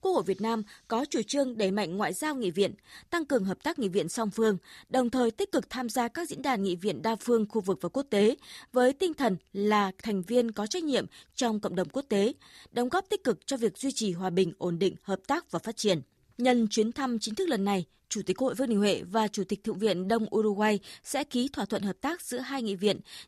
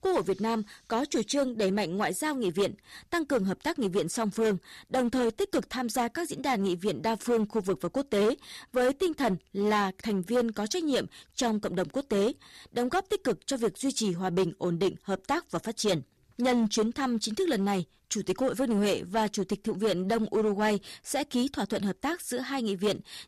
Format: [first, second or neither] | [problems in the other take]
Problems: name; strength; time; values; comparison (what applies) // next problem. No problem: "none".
first | distortion; slight; 7% of the sound clipped